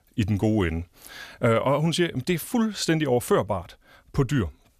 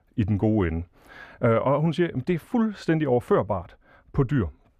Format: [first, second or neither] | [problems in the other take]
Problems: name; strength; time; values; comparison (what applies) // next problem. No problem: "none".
first | muffled; very; fading above 3 kHz